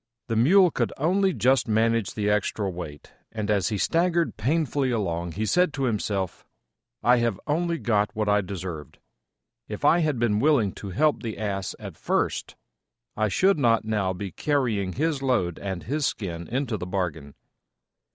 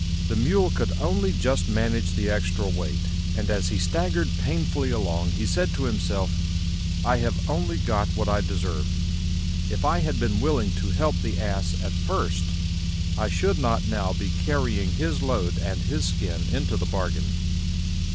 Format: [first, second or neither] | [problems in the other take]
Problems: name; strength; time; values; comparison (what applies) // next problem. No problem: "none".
first | background sound (Car); 4 dB above the speech